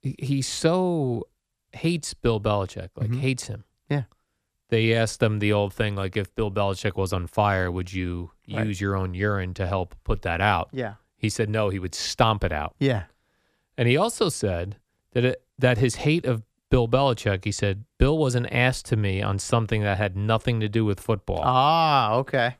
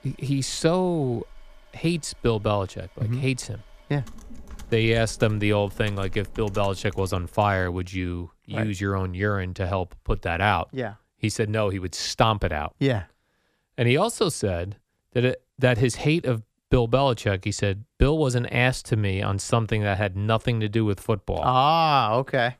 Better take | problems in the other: first | household noises; faint; until 7 s; 25 dB below the speech

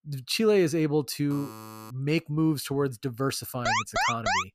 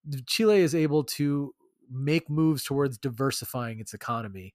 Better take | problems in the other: second | alarm; faint; at 1.5 s; peak 15 dB below the speech // alarm; loud; at 3.5 s; peak 2 dB above the speech

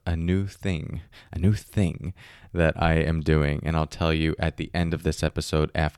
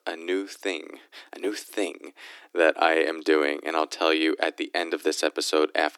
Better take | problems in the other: first | thin; very; fading below 300 Hz

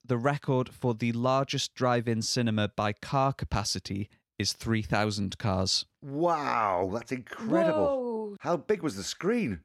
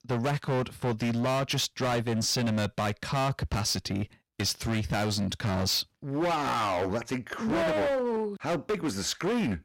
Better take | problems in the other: first | distortion; heavy; 25% of the sound clipped

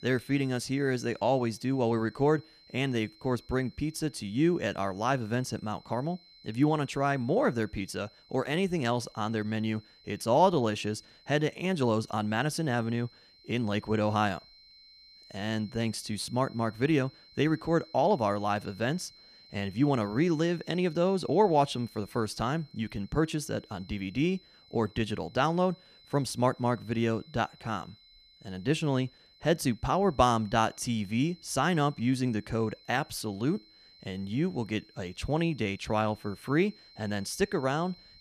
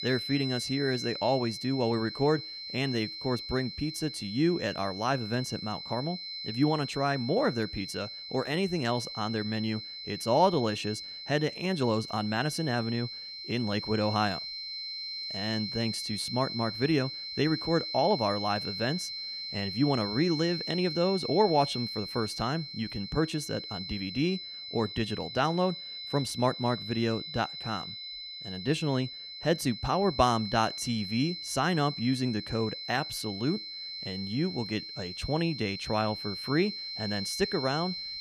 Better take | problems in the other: first | high-pitched whine; loud; throughout; 4 kHz, 6 dB below the speech; faint in the first

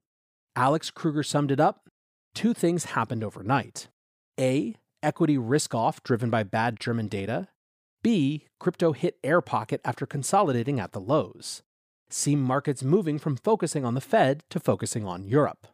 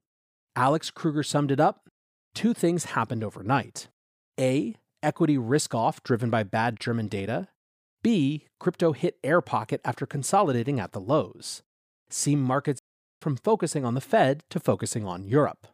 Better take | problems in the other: first | audio cutting out; at 13 s

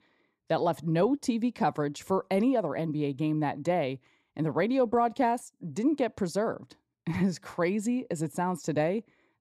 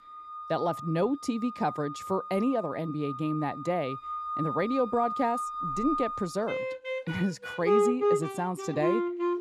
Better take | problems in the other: first | background music; loud; throughout; 2 dB below the speech

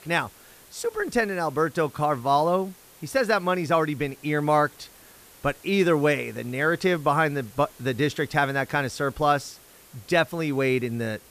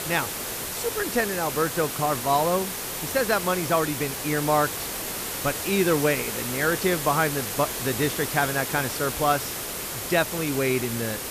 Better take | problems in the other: first | hiss; loud; throughout; 4 dB below the speech; faint in the first

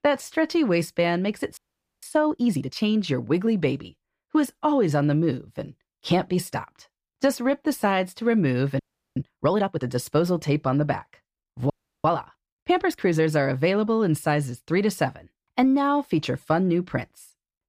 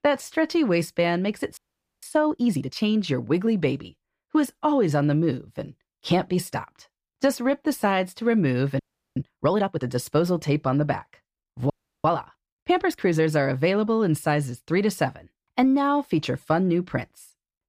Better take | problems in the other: neither | audio freezing; at 1.5 s, at 9 s and at 12 s; the same in both

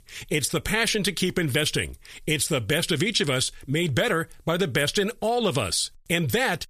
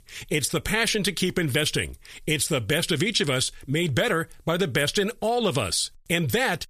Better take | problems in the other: neither | none

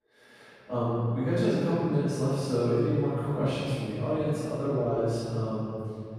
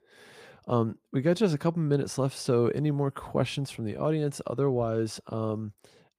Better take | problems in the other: second | off-mic speech; far // room echo; strong; dies away in 2.2 s

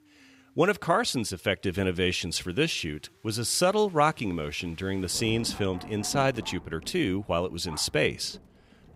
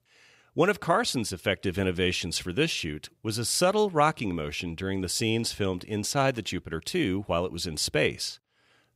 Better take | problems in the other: second | rain or running water; noticeable; throughout; 20 dB below the speech

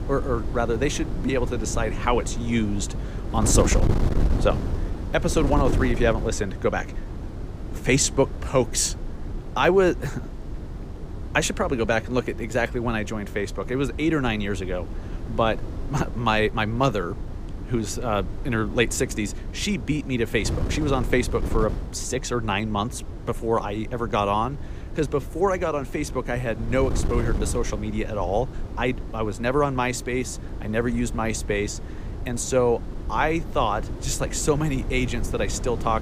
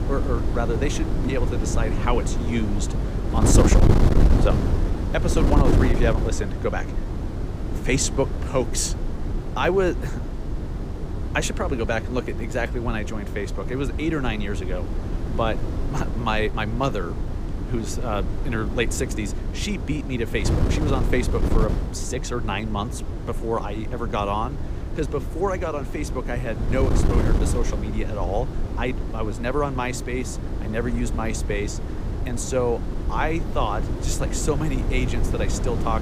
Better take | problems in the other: first | wind noise on the microphone; heavy; 6 dB below the speech; occasional gusts in the first

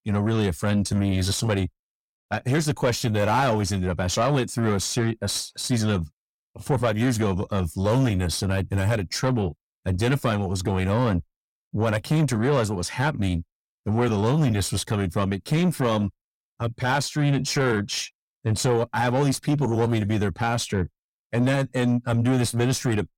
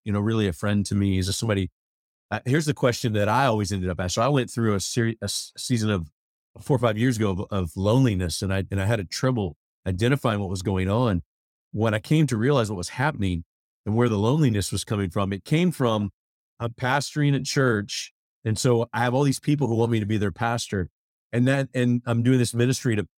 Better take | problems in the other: second | distortion; slight; 9 dB below the speech

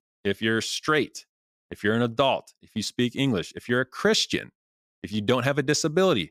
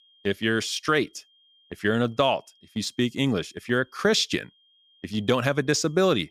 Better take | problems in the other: first | high-pitched whine; faint; throughout; 3 kHz, 35 dB below the speech

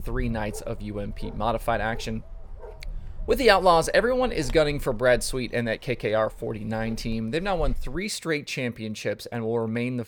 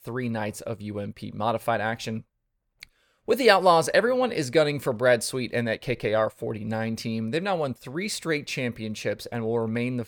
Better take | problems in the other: second | dog barking; faint; until 8 s; peak 10 dB below the speech

